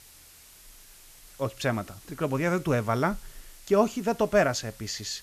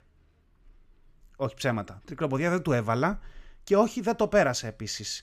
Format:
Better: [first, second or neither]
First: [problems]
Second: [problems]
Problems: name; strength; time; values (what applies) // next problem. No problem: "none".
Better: second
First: hiss; faint; throughout; 20 dB below the speech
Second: none